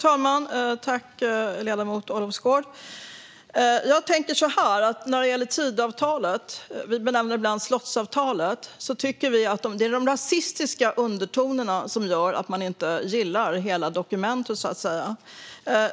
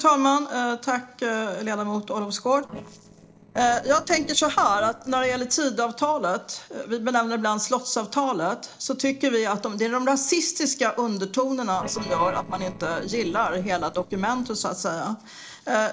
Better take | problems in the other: first | noise reduction (neural separator model SepFormer DNS4)

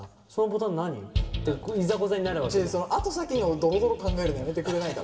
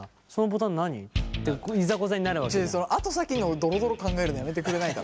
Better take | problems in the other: second | room echo; dies away in 1.5 s

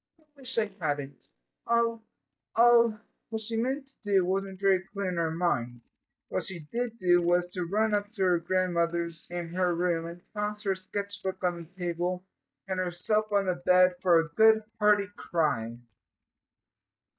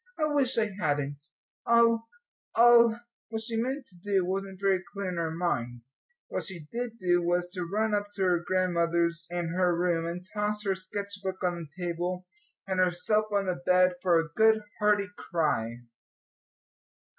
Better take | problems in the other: second | noise reduction (neural mask model DeepFilterNet 3)

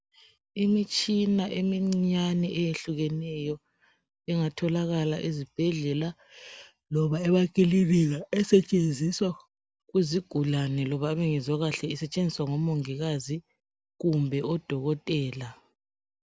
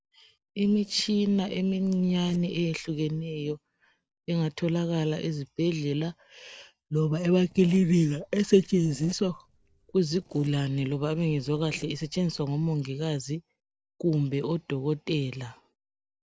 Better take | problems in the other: first | noise reduction (neural separator model SepFormer DNS4)

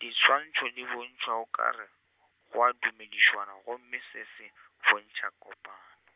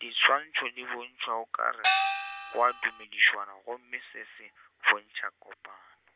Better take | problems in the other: first | background sound (Gong); 1 dB above the speech

